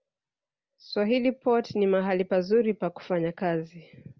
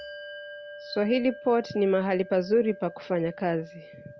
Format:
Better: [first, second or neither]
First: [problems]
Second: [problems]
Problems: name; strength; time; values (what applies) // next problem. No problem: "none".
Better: first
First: none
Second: background sound (Bell); 16 dB below the speech